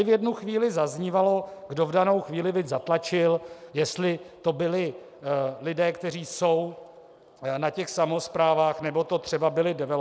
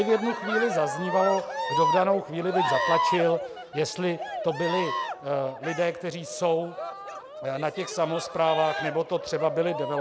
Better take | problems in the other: first | background sound (Cheering); 4 dB below the speech

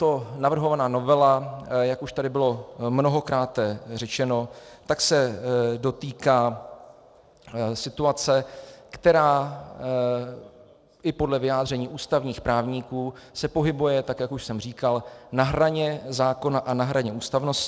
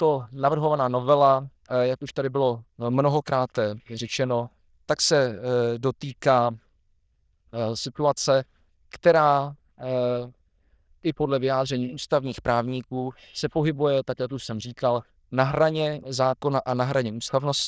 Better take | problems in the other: first | noise reduction (neural diffusion model UNIVERSE++)

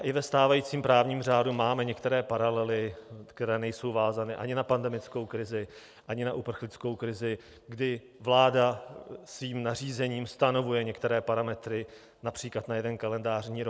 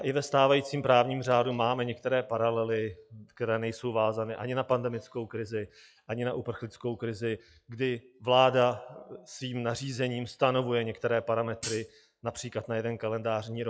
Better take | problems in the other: first | noise reduction (classical method log-MMSE)

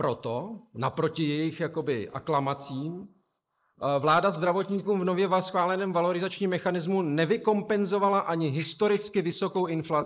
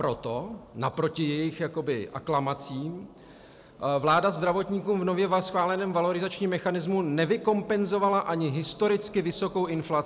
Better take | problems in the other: second | noise reduction (neural mask model Resemble Enhance denoiser)

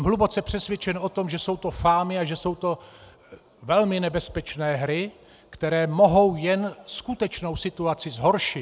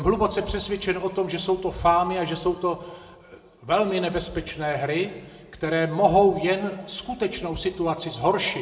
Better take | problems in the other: first | room echo; dies away in 1 s

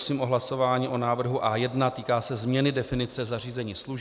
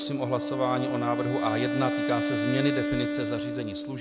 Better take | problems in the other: first | background sound (Wind instrument, woodwind instrument); as loud as the speech

